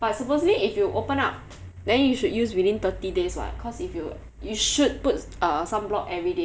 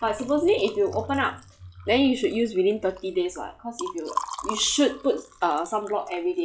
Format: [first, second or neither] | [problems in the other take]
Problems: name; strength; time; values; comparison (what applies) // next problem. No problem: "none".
first | noise reduction (classical method log-MMSE)